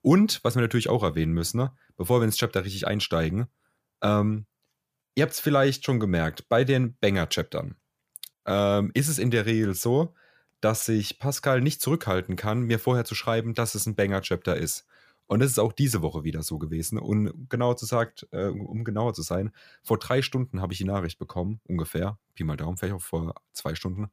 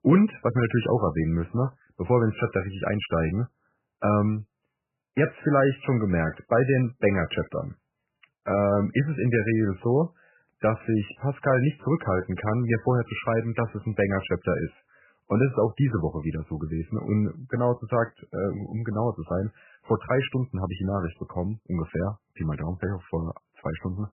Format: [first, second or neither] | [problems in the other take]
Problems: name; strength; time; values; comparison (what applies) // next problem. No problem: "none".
first | garbled, watery; badly; nothing above 3 kHz